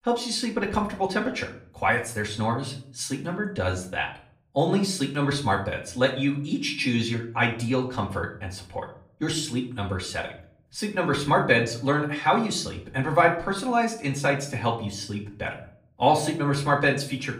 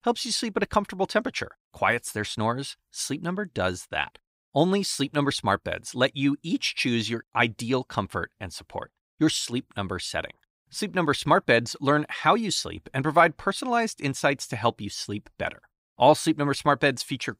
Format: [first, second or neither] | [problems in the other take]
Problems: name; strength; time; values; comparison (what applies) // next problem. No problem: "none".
second | off-mic speech; far // room echo; slight; dies away in 0.5 s